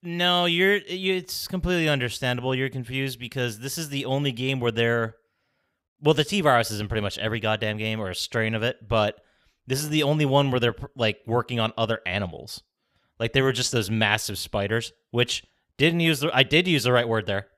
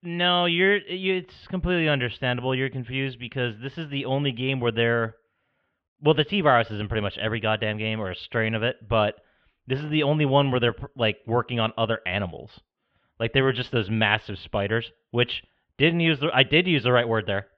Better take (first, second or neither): first